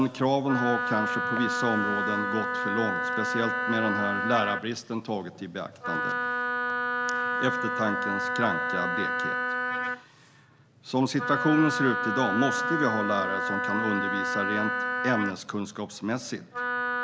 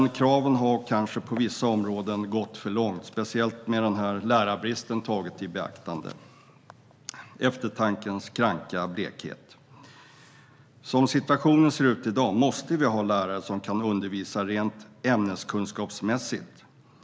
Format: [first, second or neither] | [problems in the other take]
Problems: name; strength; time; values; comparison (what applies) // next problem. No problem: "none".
second | background sound (Wind instrument, woodwind instrument); as loud as the speech